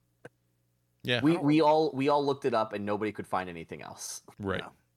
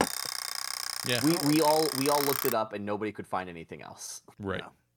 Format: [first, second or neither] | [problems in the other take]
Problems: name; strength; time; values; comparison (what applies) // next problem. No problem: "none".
first | alarm; loud; until 2.5 s; peak 1 dB above the speech